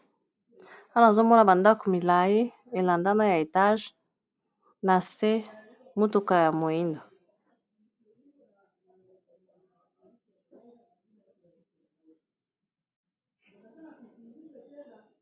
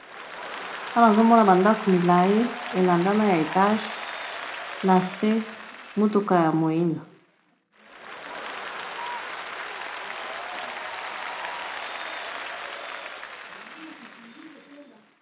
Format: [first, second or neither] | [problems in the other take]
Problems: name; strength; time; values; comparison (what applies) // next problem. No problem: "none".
first | background sound (Applause); 11 dB below the speech // room echo; dies away in 0.3 s